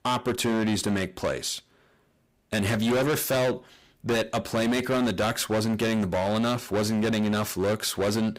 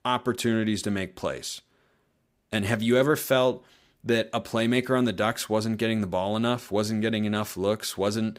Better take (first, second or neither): second